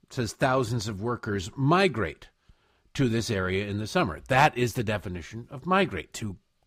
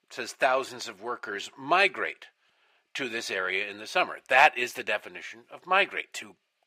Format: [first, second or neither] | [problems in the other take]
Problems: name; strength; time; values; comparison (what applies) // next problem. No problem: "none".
first | thin; very; fading below 550 Hz